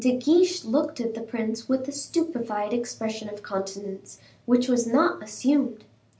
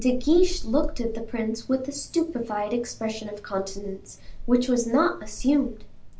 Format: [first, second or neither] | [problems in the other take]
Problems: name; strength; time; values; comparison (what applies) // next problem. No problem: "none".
first | background sound (Wind); 7 dB below the speech